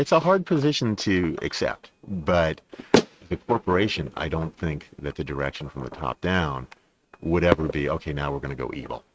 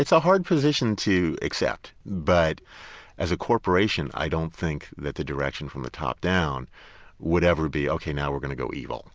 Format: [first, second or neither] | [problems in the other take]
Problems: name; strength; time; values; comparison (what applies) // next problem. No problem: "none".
second | noise reduction (neural mask model RNNoise)